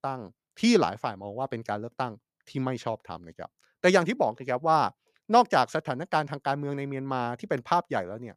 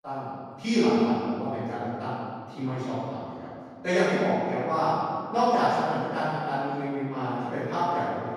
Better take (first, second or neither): first